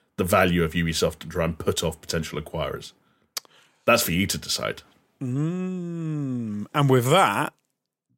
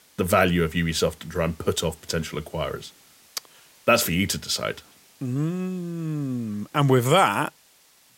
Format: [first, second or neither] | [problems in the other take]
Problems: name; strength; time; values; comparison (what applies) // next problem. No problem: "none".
first | hiss; faint; throughout; 30 dB below the speech